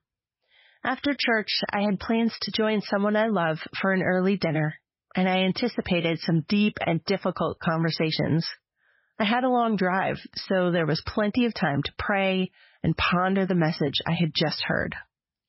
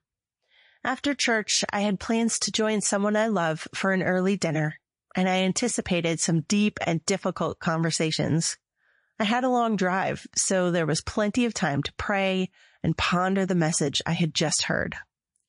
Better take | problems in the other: second | garbled, watery; badly; nothing above 5.5 kHz; slightly in the second

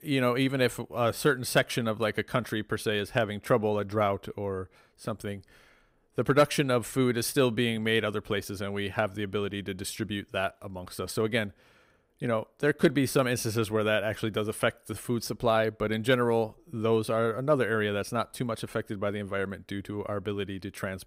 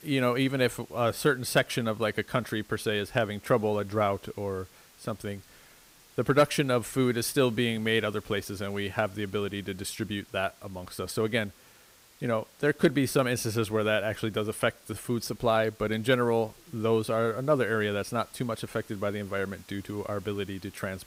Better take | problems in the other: first | hiss; faint; throughout; 25 dB below the speech

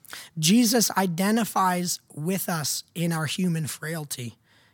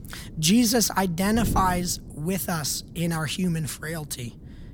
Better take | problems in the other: first | wind noise on the microphone; occasional gusts; 20 dB below the speech

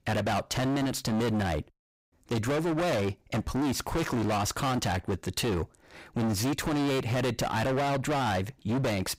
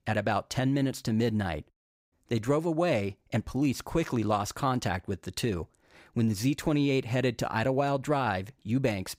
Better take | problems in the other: second | distortion; heavy; 33% of the sound clipped

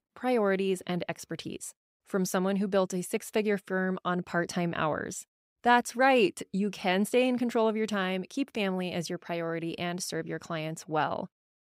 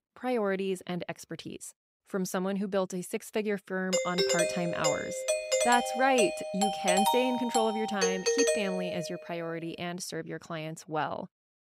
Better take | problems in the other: first | doorbell; loud; from 4 to 9 s; peak 6 dB above the speech

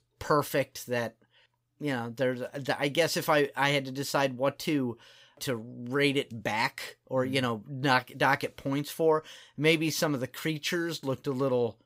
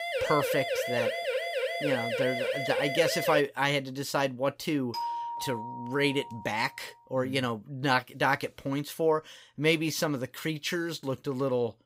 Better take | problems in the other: first | siren; noticeable; until 3.5 s; peak level with the speech // doorbell; noticeable; from 5 to 6.5 s; peak 3 dB below the speech

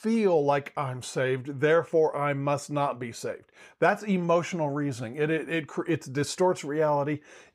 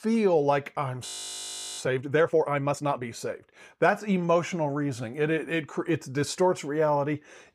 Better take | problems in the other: first | audio freezing; at 1 s for 0.5 s

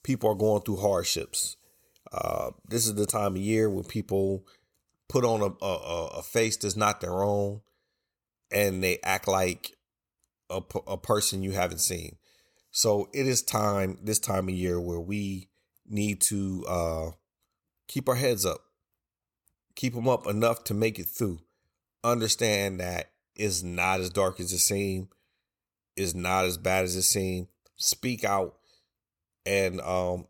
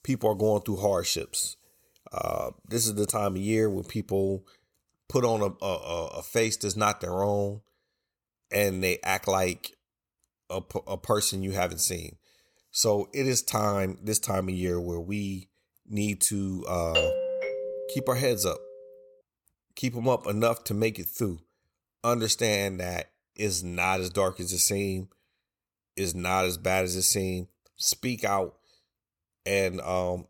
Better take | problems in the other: first | doorbell; loud; from 17 to 18 s; peak 2 dB above the speech

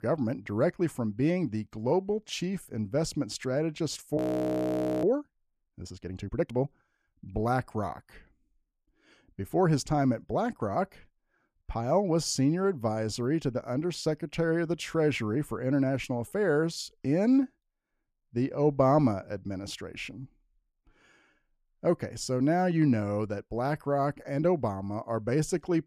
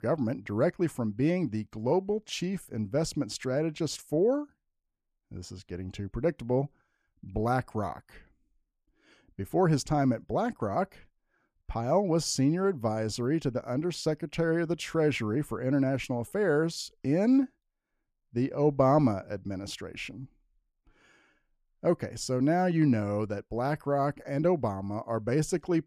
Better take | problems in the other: second | audio freezing; at 4 s for 1 s

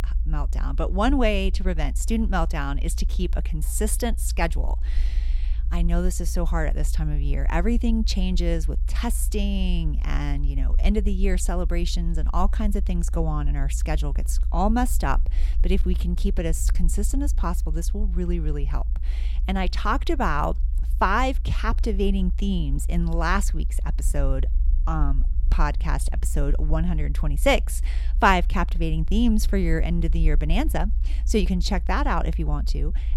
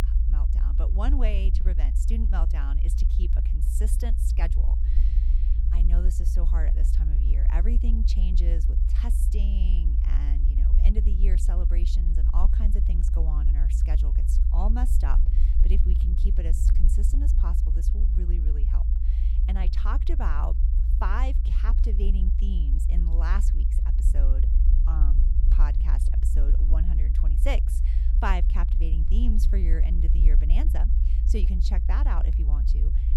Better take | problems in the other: first | low rumble; loud; throughout; 6 dB below the speech; faint in the first

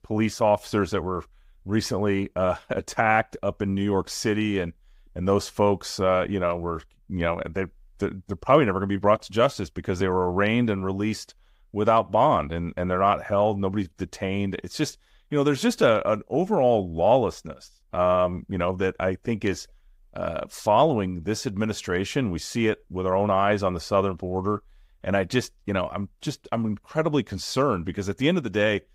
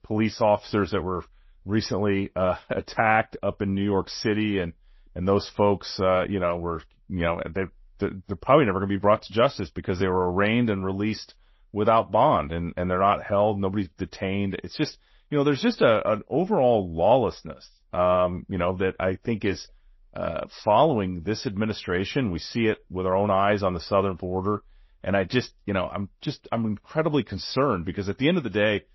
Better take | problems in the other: first | garbled, watery; slightly; nothing above 5.5 kHz

